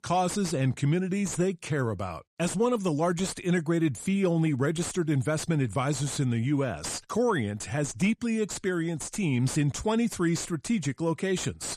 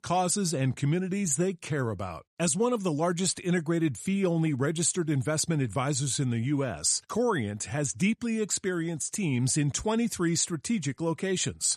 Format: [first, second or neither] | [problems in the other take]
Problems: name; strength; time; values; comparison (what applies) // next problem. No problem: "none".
second | distortion; slight; 10 dB below the speech